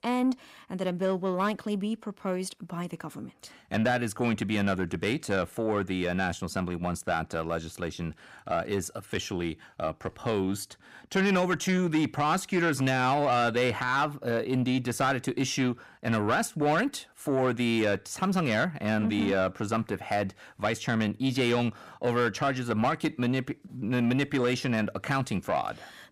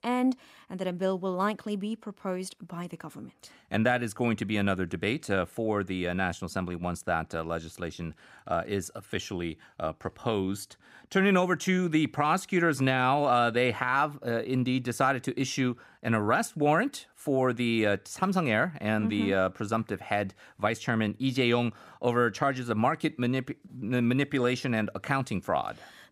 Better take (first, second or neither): second